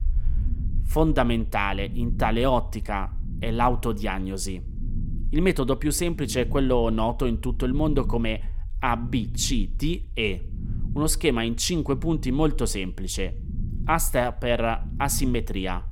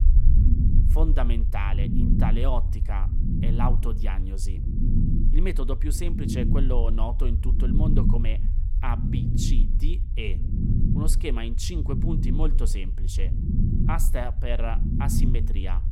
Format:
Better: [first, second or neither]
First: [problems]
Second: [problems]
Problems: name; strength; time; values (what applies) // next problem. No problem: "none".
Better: first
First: low rumble; faint; throughout; 20 dB below the speech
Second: low rumble; loud; throughout; 4 dB below the speech